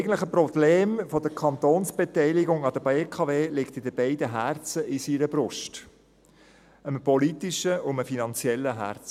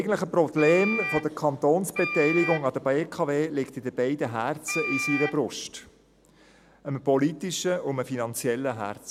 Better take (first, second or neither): first